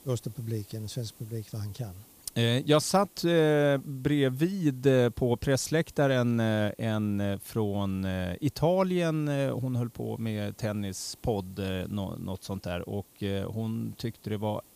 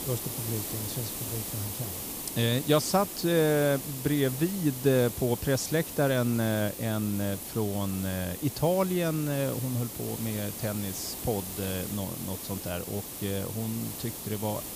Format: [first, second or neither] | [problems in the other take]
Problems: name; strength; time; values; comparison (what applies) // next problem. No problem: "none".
first | hiss; loud; throughout; 6 dB below the speech; faint in the first